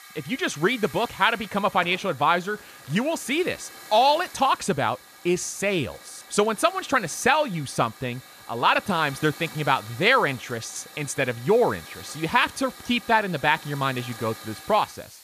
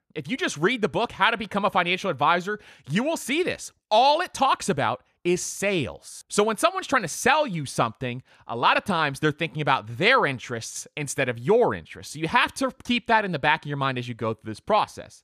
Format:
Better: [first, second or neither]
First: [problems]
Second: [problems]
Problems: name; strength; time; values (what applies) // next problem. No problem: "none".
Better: second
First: hiss; noticeable; throughout; 20 dB below the speech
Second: none